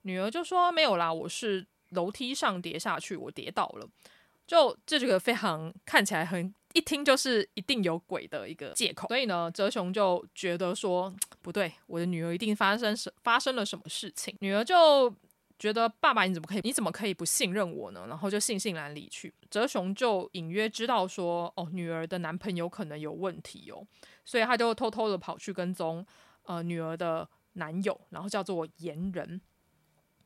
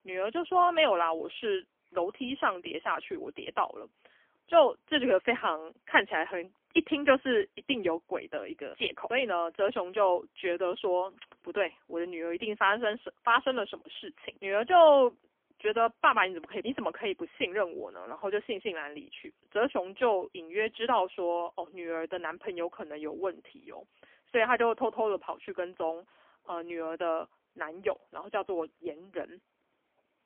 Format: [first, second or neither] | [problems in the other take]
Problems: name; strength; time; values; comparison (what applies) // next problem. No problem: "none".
first | phone-call audio; poor line; nothing above 3.5 kHz